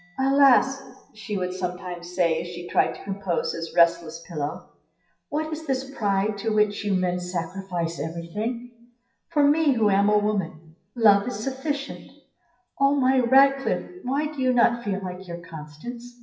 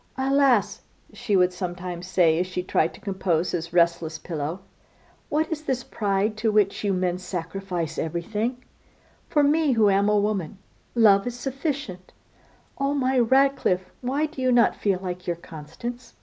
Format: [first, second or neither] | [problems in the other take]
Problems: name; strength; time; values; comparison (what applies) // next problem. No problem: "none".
second | noise reduction (classical method WPE with log-MMSE)